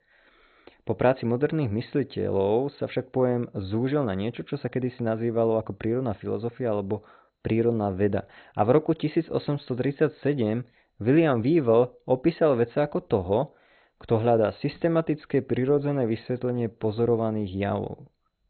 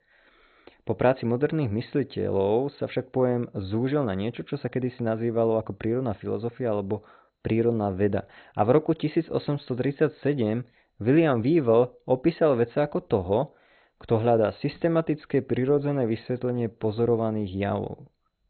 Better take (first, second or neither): neither